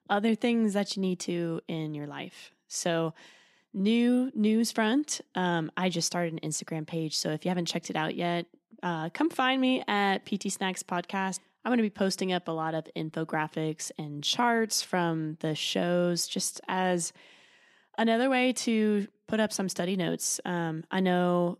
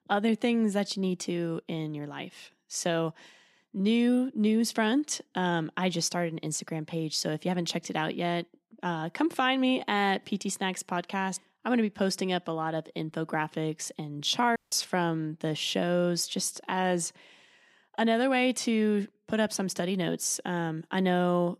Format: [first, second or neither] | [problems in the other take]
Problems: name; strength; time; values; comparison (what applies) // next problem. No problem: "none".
first | audio cutting out; at 15 s